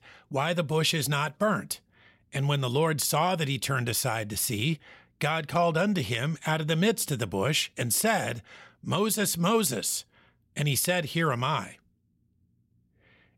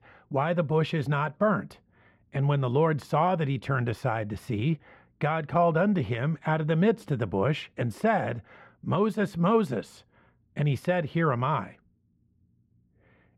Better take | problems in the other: first | muffled; very; fading above 3.5 kHz

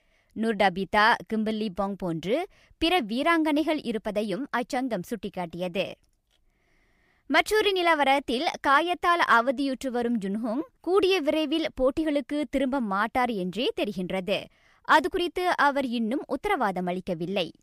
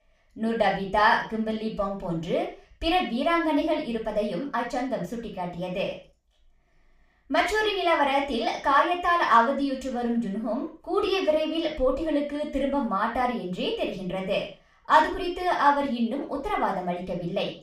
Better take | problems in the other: first | room echo; noticeable; dies away in 0.4 s // off-mic speech; far

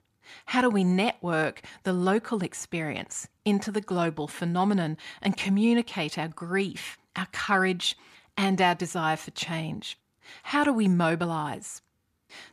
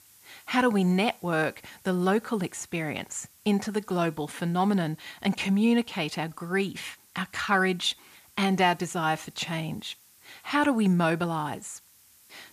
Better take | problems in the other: first | hiss; faint; throughout; 25 dB below the speech

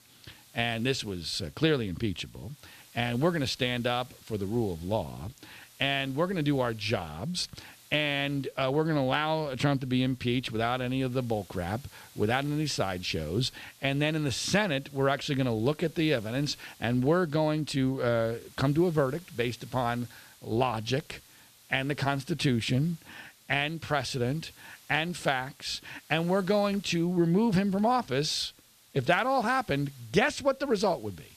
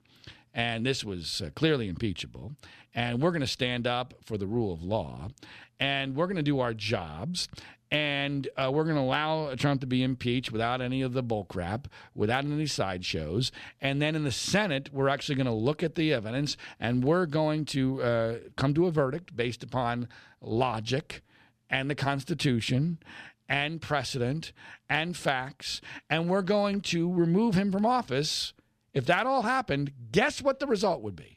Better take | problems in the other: second | hiss; faint; throughout; 25 dB below the speech

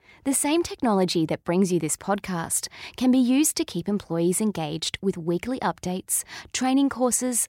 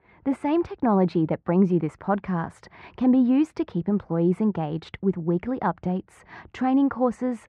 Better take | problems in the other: first | muffled; very; fading above 1.5 kHz

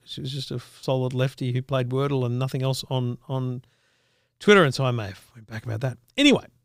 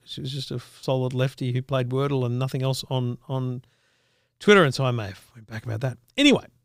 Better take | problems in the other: neither | none

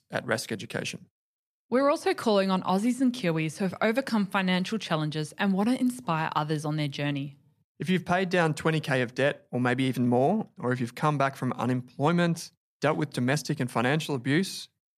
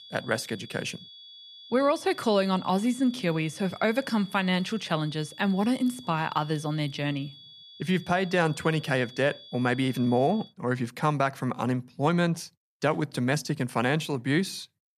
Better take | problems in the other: first | high-pitched whine; noticeable; until 10 s; 3.5 kHz, 20 dB below the speech

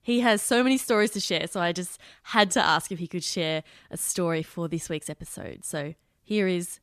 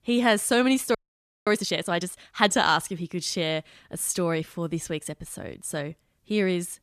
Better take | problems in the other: first | audio freezing; at 1 s for 0.5 s

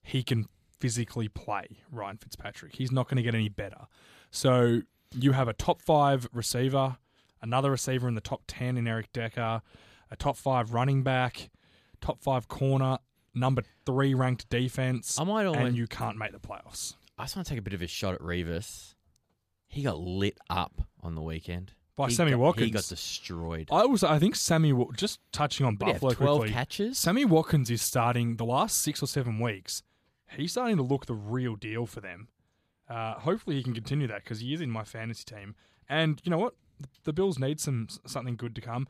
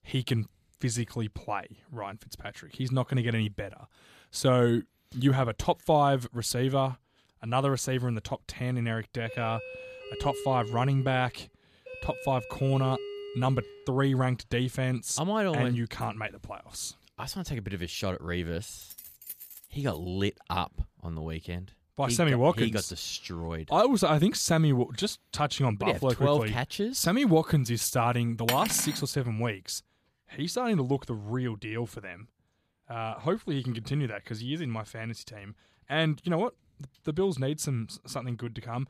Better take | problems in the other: first | doorbell; noticeable; from 9.5 to 14 s; peak 8 dB below the speech // jangling keys; faint; from 19 to 20 s; peak 10 dB below the speech // clattering dishes; noticeable; at 28 s; peak 1 dB below the speech

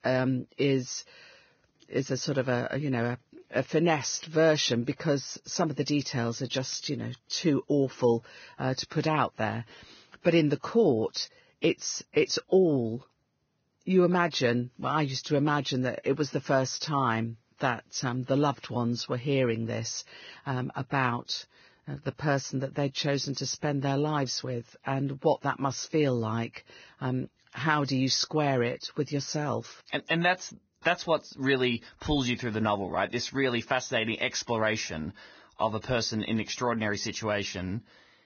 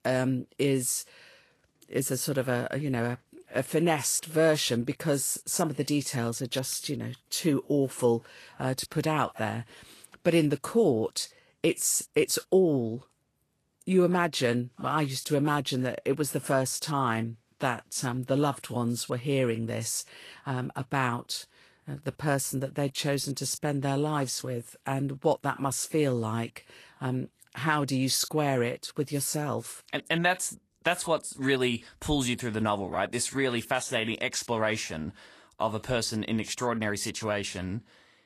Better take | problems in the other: second | garbled, watery; badly; nothing above 6.5 kHz; slightly in the second

